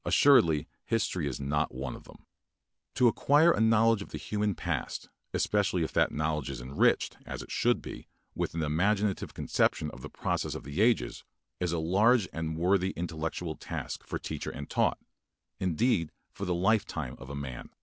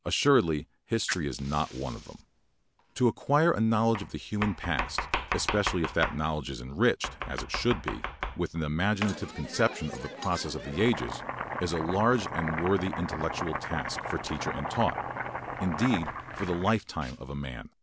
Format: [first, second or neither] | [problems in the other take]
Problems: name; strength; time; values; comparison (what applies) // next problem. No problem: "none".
first | background sound (Domestic sounds, home sounds); 7 dB below the speech